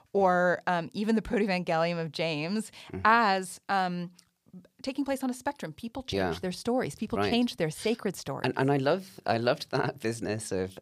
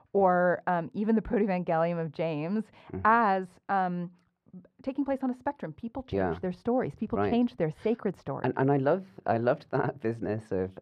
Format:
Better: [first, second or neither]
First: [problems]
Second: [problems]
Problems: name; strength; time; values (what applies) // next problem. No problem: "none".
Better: first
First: none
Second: muffled; very; fading above 3 kHz